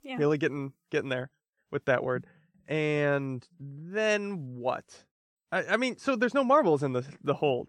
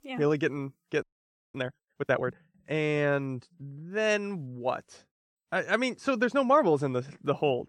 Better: first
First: none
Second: audio freezing; at 1 s for 0.5 s

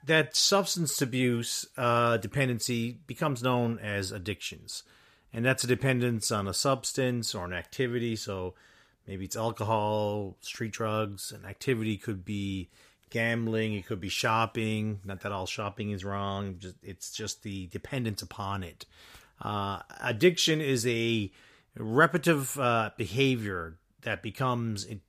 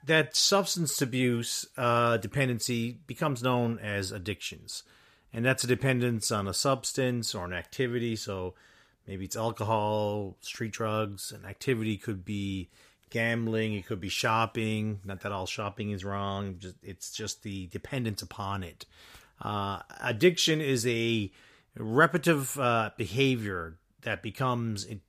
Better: neither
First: none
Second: none

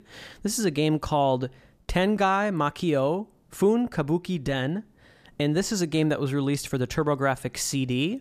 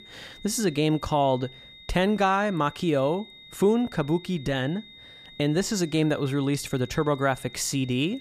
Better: first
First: none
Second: high-pitched whine; noticeable; throughout; 3.5 kHz, 20 dB below the speech

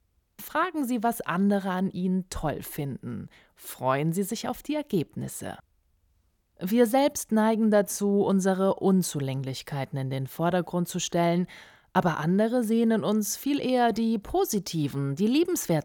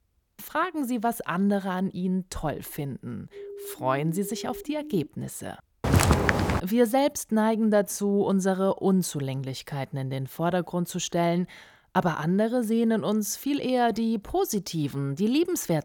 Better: first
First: none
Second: siren; faint; from 3.5 to 5 s; peak 15 dB below the speech // footsteps; loud; at 6 s; peak 5 dB above the speech

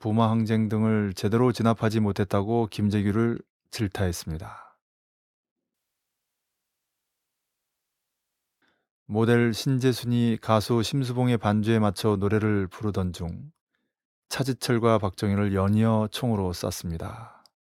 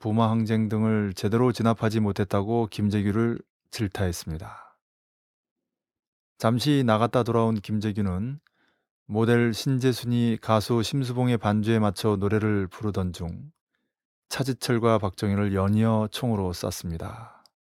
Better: second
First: audio cutting out; at 5.5 s for 3 s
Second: none

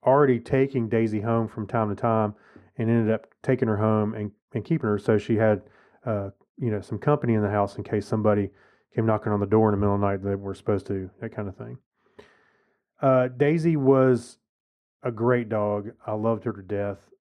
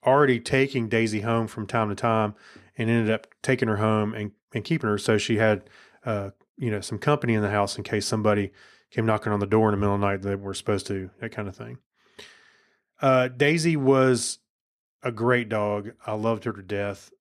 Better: second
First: muffled; very; fading above 2 kHz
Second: none

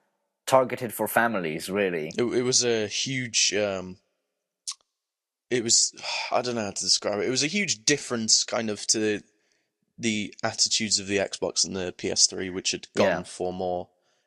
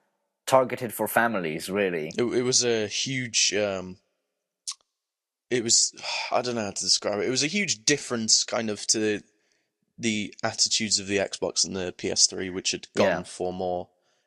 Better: neither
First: garbled, watery; slightly; nothing above 13 kHz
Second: garbled, watery; slightly; nothing above 13 kHz

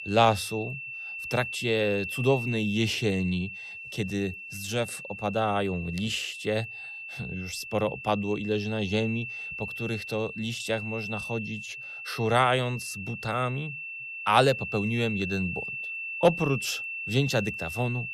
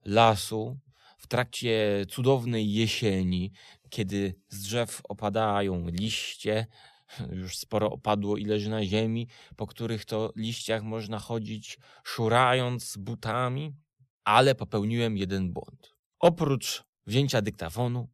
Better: second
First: high-pitched whine; loud; throughout; 2.5 kHz, 7 dB below the speech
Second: none

